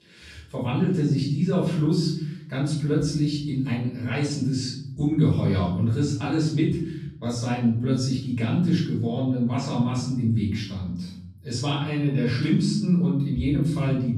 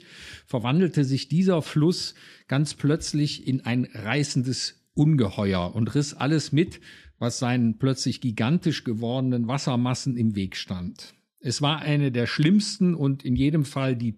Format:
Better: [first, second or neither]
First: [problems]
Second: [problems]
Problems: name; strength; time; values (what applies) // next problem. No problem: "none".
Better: second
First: off-mic speech; far // room echo; noticeable; dies away in 1 s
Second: none